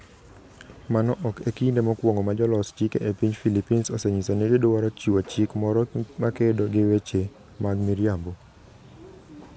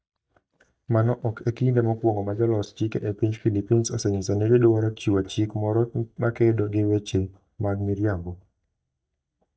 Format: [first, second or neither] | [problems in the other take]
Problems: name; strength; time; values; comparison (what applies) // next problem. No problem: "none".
first | noise reduction (neural mask model DeepFilterNet 3)